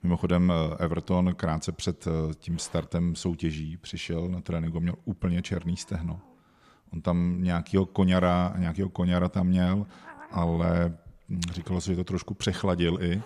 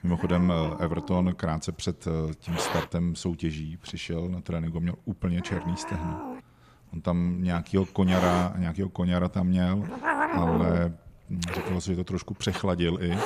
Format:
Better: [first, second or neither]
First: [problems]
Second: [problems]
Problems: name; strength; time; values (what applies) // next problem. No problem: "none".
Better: first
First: hiss; faint; throughout; 25 dB below the speech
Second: hiss; loud; throughout; 5 dB below the speech